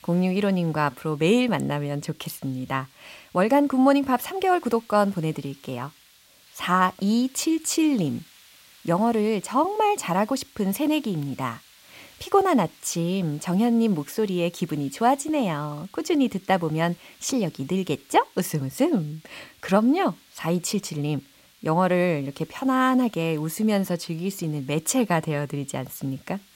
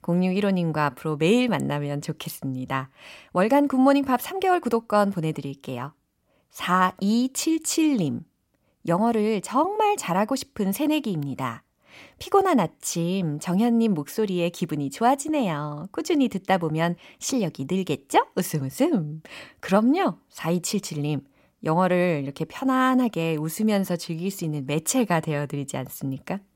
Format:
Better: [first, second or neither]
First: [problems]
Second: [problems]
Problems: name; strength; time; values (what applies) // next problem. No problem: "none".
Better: second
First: hiss; faint; throughout; 25 dB below the speech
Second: none